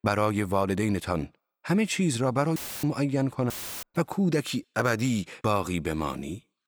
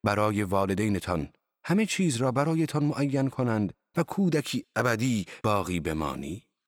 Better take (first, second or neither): second